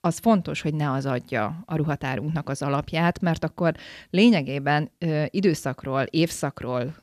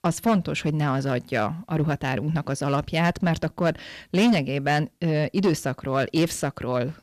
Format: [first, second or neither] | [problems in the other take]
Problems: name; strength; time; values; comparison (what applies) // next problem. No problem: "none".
first | distortion; slight; 6% of the sound clipped